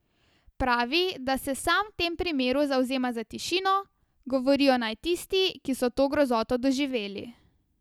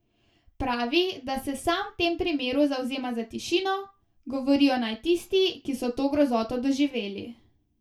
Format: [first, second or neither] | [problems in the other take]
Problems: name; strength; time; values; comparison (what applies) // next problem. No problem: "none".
first | room echo; dies away in 0.2 s